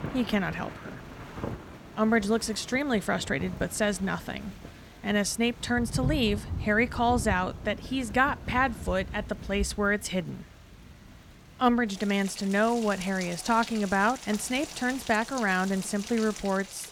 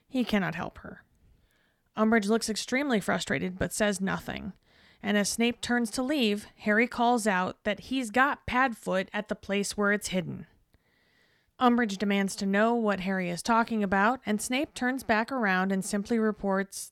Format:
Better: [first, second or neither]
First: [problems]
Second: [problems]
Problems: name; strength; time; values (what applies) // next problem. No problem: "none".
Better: second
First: rain or running water; noticeable; throughout; 10 dB below the speech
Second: none